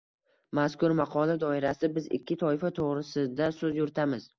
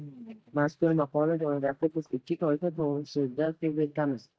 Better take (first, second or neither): first